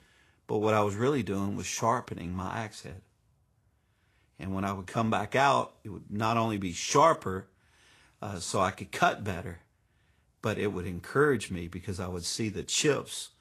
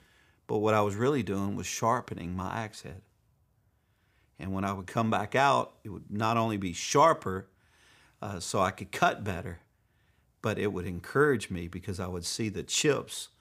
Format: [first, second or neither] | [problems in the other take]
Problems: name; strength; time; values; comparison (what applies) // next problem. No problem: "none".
second | garbled, watery; slightly; nothing above 12.5 kHz